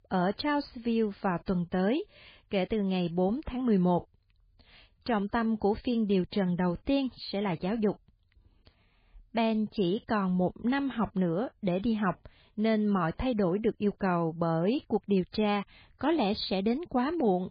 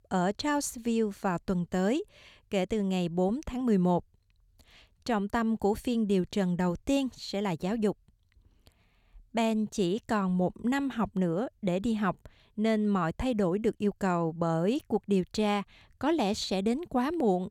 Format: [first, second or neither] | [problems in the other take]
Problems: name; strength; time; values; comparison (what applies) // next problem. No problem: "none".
second | garbled, watery; badly; nothing above 5 kHz